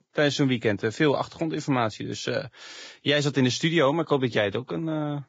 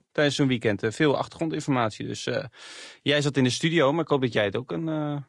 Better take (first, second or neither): second